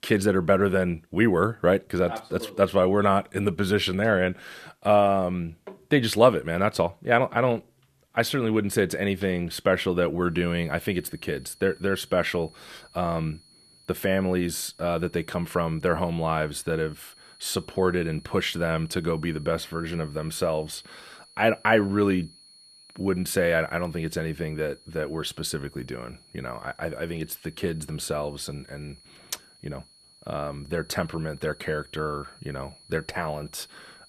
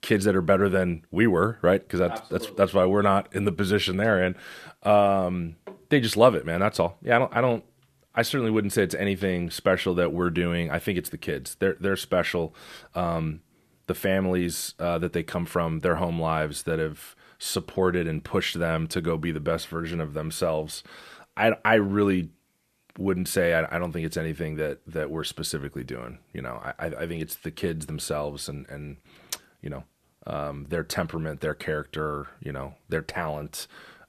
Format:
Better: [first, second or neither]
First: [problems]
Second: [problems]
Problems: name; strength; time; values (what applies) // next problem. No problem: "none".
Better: second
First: high-pitched whine; faint; from 10 s on; 4.5 kHz, 25 dB below the speech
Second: none